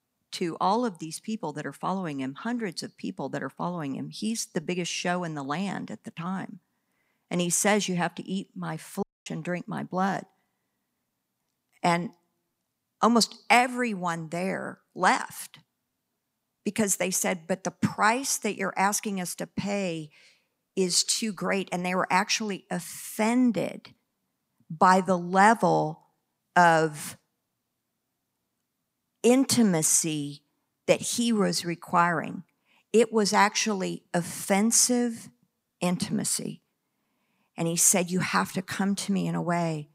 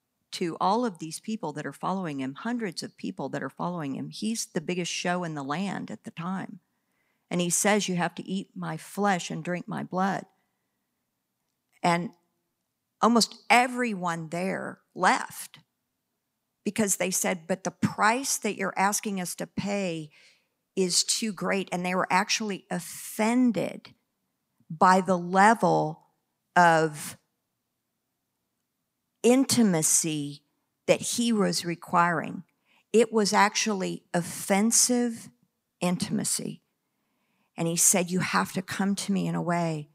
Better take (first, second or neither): second